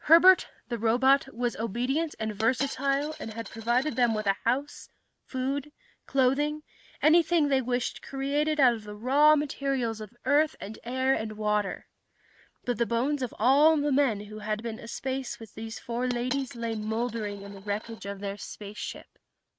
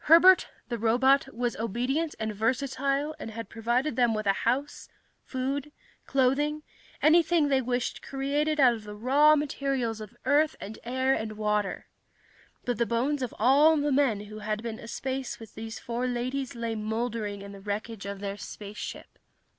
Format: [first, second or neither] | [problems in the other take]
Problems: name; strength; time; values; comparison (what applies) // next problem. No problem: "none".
second | noise reduction (neural mask model RNNoise)